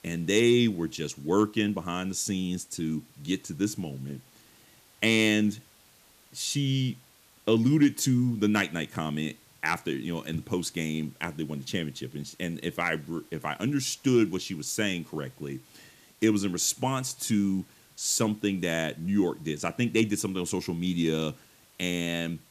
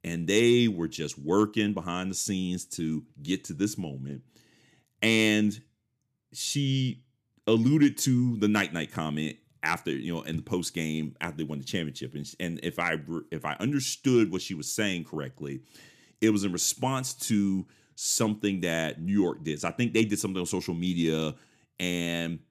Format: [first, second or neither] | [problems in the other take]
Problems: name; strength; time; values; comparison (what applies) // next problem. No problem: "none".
second | hiss; faint; throughout; 30 dB below the speech